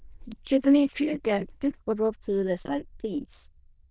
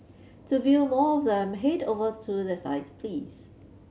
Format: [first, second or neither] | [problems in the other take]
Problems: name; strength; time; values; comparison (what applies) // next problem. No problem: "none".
second | noise reduction (neural diffusion model UNIVERSE++)